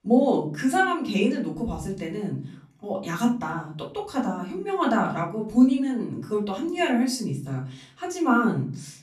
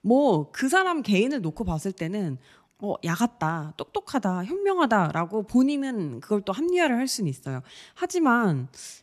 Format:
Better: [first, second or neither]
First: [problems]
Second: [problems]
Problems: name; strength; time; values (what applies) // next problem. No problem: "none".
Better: second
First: off-mic speech; far // room echo; slight; dies away in 0.4 s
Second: none